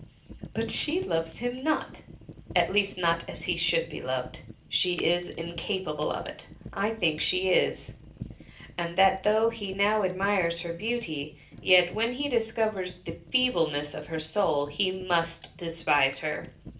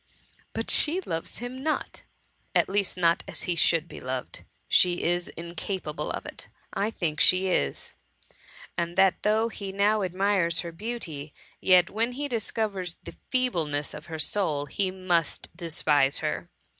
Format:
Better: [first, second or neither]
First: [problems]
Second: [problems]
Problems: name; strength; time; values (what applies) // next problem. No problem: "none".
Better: second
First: background sound (Fire); 17 dB below the speech // room echo; dies away in 0.3 s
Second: none